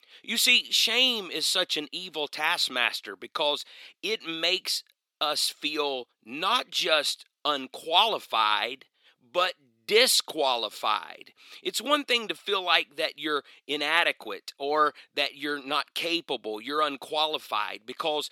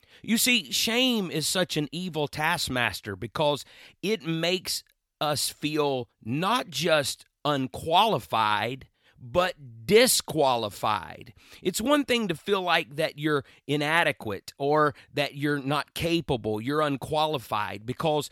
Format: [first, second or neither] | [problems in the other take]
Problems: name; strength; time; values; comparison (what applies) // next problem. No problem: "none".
second | thin; somewhat; fading below 300 Hz